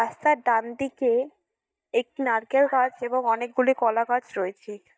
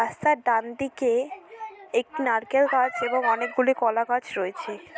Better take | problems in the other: second | noise reduction (neural mask model DeepFilterNet 3)

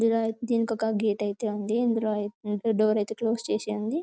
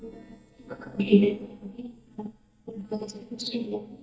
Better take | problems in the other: first | noise reduction (neural mask model DeepFilterNet 3)

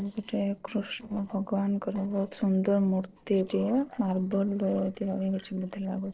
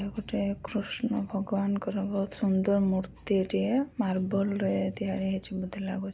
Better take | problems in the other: second | noise reduction (neural separator model SepFormer DNS4)

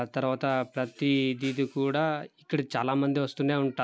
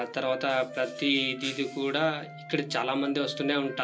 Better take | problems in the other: first | background sound (Wind instrument, woodwind instrument); 15 dB below the speech // room echo; dies away in 0.2 s

